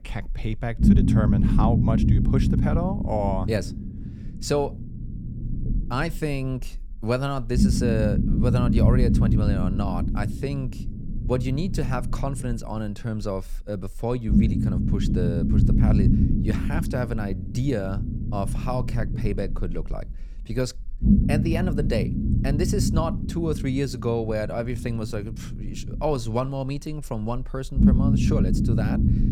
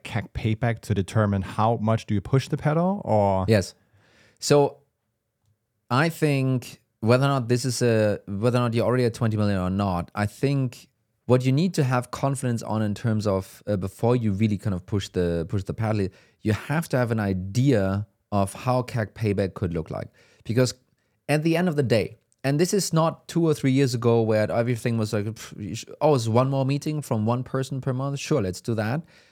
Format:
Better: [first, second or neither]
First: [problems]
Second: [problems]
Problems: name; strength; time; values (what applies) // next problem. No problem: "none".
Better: second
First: low rumble; loud; throughout; 2 dB below the speech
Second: none